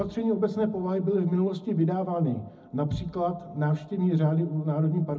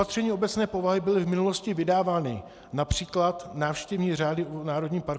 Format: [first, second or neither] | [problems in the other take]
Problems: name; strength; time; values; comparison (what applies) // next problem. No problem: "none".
second | room echo; dies away in 0.4 s